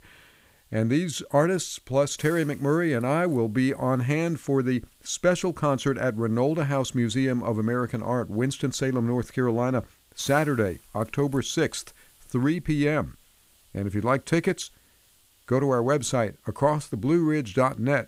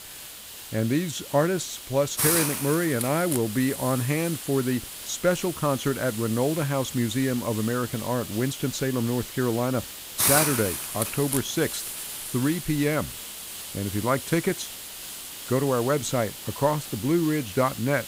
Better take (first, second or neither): first